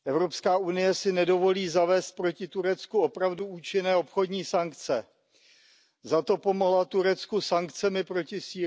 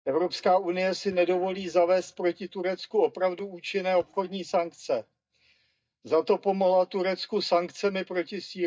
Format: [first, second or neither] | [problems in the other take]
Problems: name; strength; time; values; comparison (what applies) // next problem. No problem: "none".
first | noise reduction (neural mask model DeepFilterNet 3)